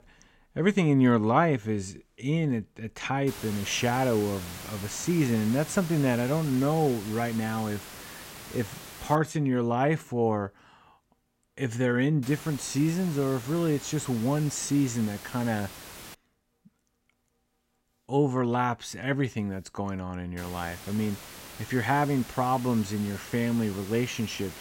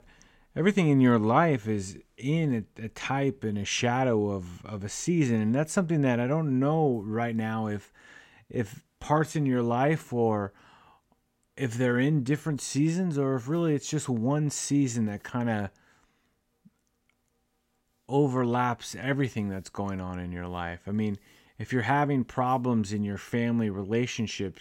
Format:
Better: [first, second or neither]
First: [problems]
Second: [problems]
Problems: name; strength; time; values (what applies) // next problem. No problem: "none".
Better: second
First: hiss; noticeable; from 3.5 to 9 s, from 12 to 16 s and from 20 s on; 15 dB below the speech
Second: none